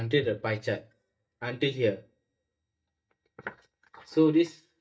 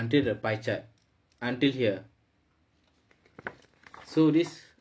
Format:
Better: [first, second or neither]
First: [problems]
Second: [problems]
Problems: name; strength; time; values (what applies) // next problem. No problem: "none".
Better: second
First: noise reduction (neural mask model DeepFilterNet 3)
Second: none